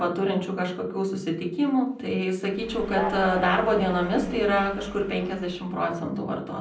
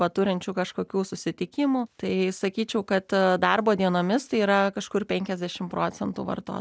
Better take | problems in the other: second | background sound (Train); 11 dB below the speech // room echo; dies away in 0.6 s

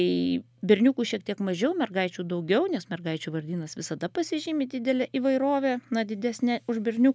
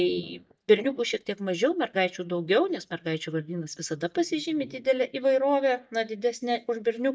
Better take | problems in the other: first | noise reduction (neural mask model DeepFilterNet 3)

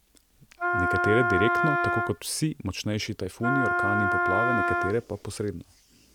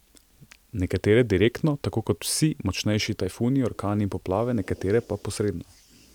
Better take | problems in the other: second | background sound (Wind instrument, woodwind instrument); 3 dB above the speech

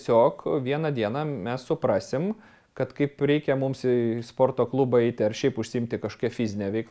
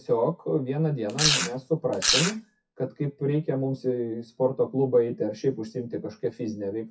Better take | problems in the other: first | noise reduction (classical method WPE with log-MMSE)

